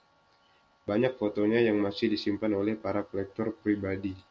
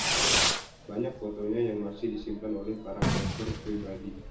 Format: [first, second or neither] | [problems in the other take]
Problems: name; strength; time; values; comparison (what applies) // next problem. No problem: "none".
first | background sound (Fireworks); 3 dB above the speech // room echo; dies away in 0.6 s